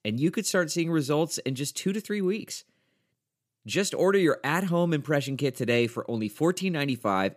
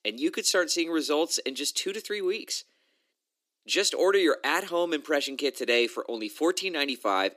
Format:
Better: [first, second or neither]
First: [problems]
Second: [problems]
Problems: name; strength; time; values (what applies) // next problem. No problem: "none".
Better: first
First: none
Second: thin; somewhat; fading below 300 Hz